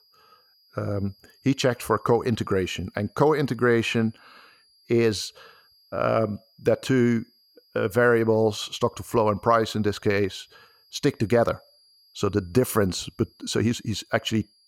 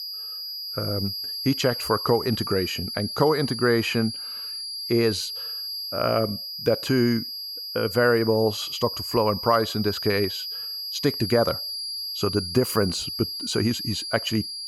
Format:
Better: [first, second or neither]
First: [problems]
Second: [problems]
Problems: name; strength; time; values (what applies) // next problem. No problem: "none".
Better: first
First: high-pitched whine; faint; throughout; 5 kHz, 35 dB below the speech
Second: high-pitched whine; loud; throughout; 5 kHz, 5 dB below the speech